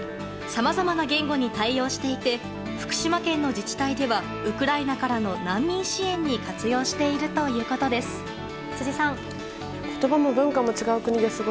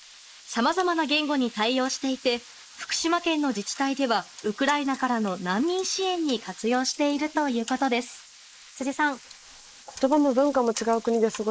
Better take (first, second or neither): first